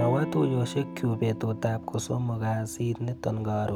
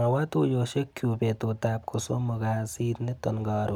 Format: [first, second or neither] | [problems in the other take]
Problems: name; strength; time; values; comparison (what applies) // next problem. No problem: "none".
second | background sound (Electric guitar / Strum); 11 dB below the speech